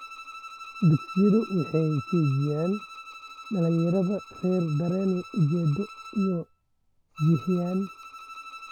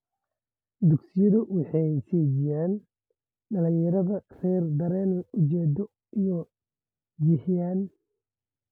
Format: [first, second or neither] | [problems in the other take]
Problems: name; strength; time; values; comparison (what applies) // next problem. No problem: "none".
second | background sound (Bowed string instrument); 16 dB below the speech